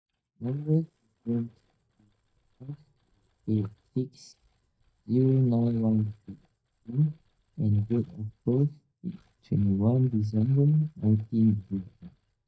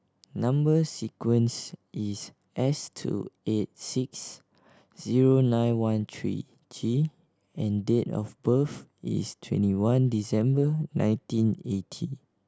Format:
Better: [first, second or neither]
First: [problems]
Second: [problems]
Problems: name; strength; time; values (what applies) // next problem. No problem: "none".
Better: second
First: noise reduction (neural mask model DeepFilterNet 3)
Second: none